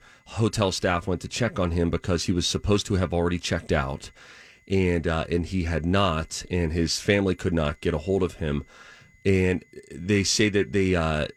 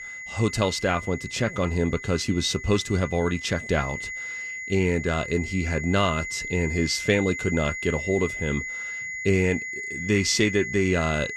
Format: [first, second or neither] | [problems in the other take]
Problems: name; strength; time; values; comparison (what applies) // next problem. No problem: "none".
first | high-pitched whine; loud; throughout; 2 kHz, 7 dB below the speech; faint in the first